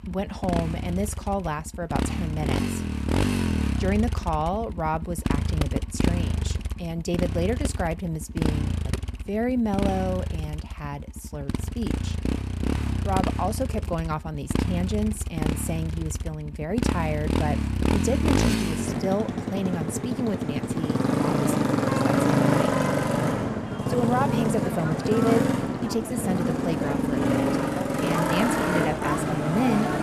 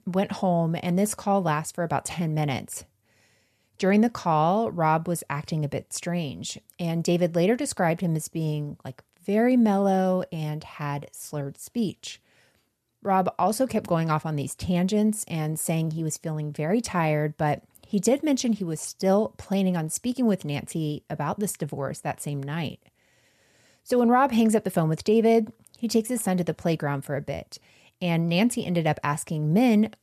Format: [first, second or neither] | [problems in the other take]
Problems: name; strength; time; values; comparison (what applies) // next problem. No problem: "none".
second | traffic noise; very loud; throughout; 3 dB above the speech